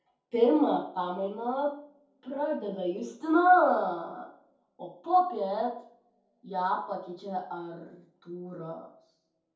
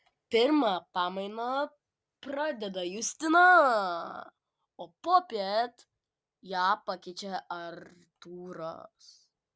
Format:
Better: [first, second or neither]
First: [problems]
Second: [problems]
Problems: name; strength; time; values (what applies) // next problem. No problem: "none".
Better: second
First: room echo; dies away in 0.6 s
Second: none